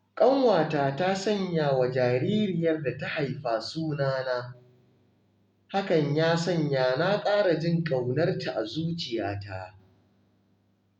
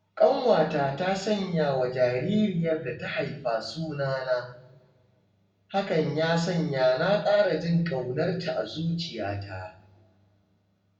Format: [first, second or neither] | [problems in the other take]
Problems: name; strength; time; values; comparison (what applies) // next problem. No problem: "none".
first | room echo; dies away in 0.6 s